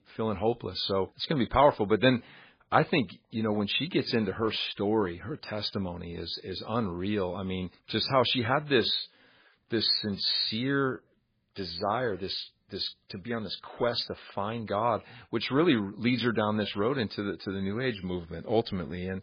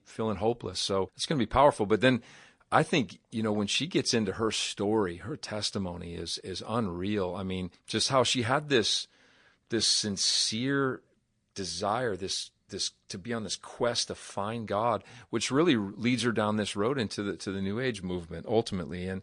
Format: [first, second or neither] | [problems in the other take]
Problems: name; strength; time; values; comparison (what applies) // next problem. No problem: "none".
second | garbled, watery; badly; nothing above 4.5 kHz; slightly in the second